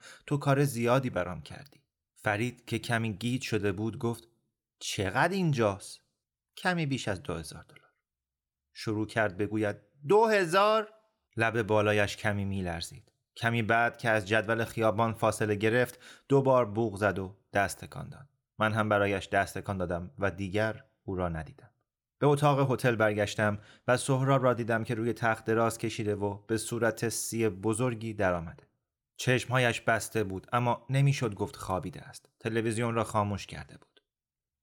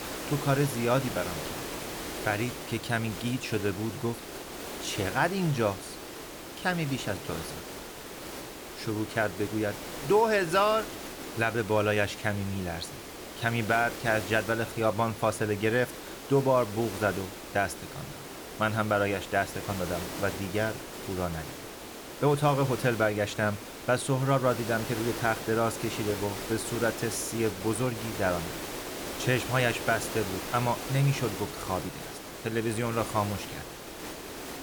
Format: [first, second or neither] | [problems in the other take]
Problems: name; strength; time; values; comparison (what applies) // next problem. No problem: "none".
first | hiss; loud; throughout; 9 dB below the speech